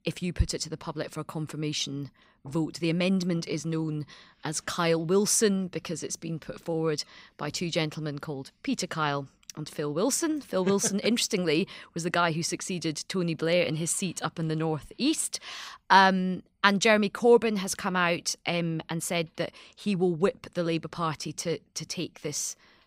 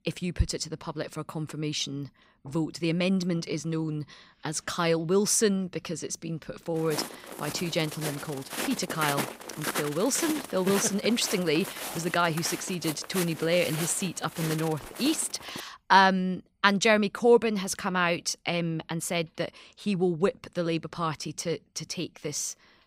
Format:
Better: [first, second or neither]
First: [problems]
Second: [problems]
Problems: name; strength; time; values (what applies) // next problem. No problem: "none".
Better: first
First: none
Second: footsteps; noticeable; from 7 to 16 s; peak 3 dB below the speech